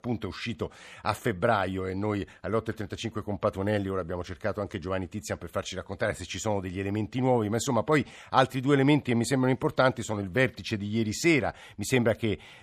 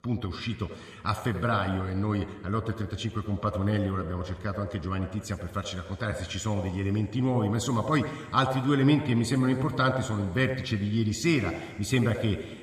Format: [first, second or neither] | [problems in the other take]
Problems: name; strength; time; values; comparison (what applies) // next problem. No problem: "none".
first | room echo; slight; dies away in 2.1 s